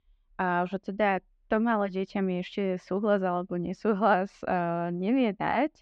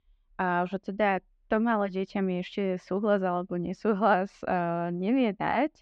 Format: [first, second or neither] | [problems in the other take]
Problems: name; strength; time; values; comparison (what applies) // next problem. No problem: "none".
neither | muffled; slightly; fading above 3 kHz; the same in both